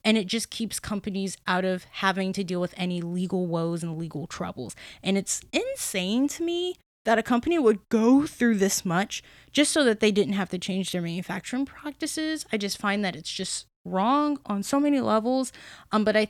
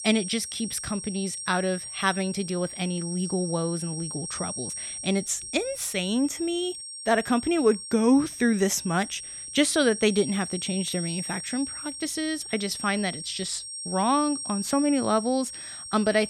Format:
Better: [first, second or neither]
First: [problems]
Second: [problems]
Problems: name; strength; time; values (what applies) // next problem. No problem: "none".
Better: first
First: none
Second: high-pitched whine; loud; throughout; 8.5 kHz, 7 dB below the speech